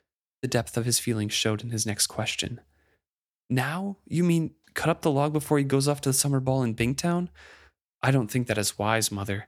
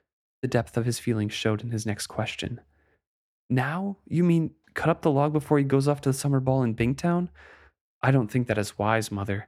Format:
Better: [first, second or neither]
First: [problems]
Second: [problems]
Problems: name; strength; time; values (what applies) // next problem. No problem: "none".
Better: first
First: none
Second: muffled; slightly; fading above 3 kHz